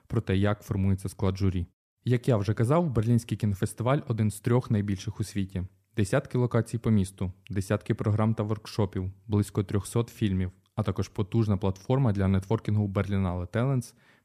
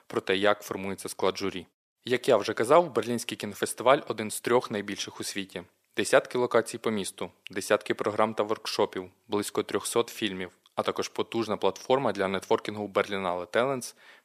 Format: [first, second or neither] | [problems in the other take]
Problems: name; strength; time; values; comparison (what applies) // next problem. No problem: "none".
first | thin; very; fading below 500 Hz